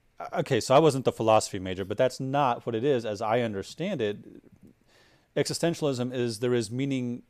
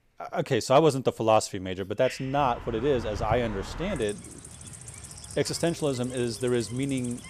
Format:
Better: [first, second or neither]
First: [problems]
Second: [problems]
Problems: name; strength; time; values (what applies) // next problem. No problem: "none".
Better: first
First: none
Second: animal sounds; noticeable; from 2.5 s on; 15 dB below the speech